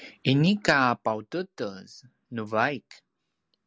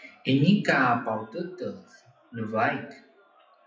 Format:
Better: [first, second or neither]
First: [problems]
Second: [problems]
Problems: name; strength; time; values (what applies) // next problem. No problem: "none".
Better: first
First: none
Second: noise reduction (classical method WPE with log-MMSE)